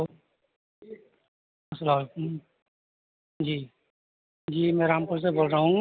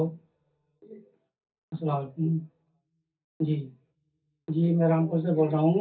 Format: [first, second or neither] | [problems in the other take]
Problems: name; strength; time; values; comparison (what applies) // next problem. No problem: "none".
first | room echo; dies away in 0.3 s